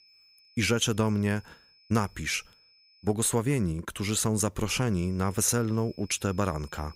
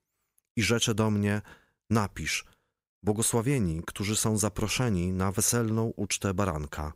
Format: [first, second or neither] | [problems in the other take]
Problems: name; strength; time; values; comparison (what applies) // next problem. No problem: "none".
second | high-pitched whine; faint; until 3 s and from 5 s on; 5 kHz, 30 dB below the speech